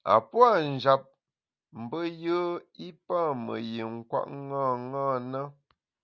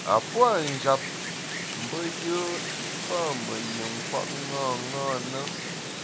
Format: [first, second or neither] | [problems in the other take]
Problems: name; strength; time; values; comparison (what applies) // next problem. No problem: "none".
first | background sound (Wind); 4 dB below the speech